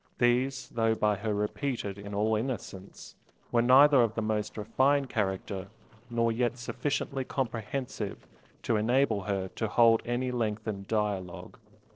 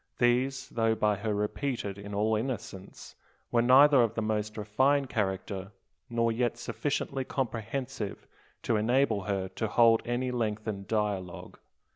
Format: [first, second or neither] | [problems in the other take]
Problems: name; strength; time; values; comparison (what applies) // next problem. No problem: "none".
second | noise reduction (neural separator model SepFormer DNS4)